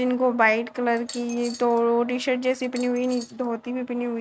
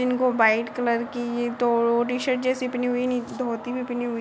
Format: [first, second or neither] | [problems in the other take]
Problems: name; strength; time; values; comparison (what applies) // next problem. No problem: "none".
second | noise reduction (neural mask model RNNoise)